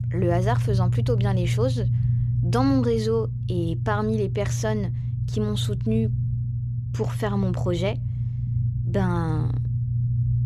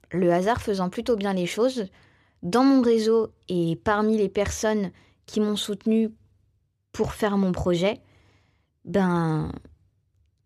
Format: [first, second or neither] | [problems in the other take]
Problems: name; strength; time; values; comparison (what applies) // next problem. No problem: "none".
second | low rumble; loud; throughout; 10 dB below the speech